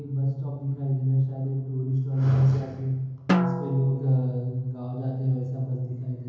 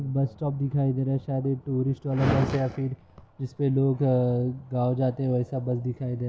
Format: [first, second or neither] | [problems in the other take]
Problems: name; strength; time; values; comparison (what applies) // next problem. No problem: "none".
second | background sound (Drum); 4 dB below the speech // room echo; dies away in 1 s